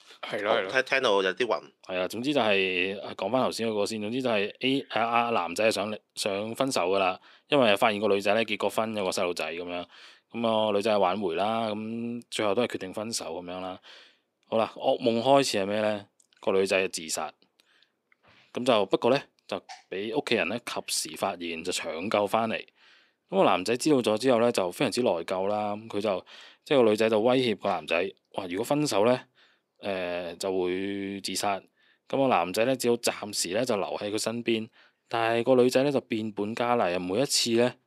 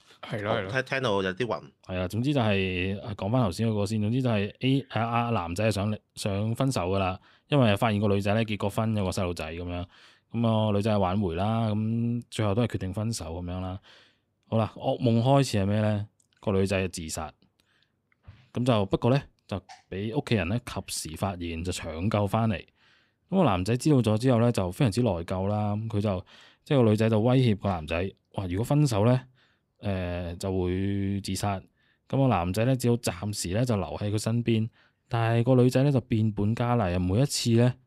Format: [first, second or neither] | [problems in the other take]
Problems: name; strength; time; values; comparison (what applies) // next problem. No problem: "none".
second | thin; somewhat; fading below 400 Hz